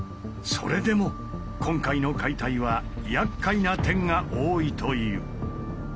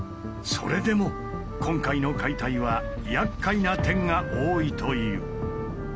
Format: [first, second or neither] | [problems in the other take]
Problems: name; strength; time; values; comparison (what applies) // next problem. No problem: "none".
first | background sound (Wind instrument, woodwind instrument); 11 dB below the speech